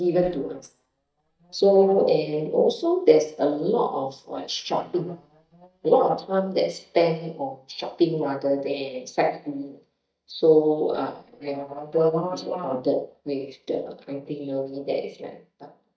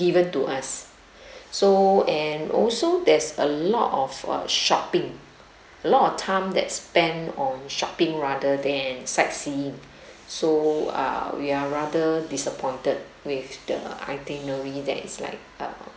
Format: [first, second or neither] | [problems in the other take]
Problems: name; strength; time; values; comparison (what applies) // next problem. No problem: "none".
second | noise reduction (neural mask model DeepFilterNet 3)